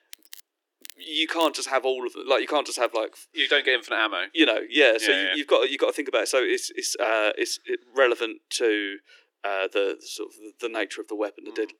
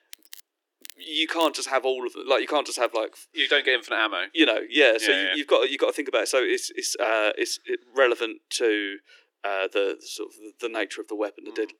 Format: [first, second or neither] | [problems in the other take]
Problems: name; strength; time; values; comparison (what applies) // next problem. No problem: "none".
neither | thin; very; fading below 300 Hz; the same in both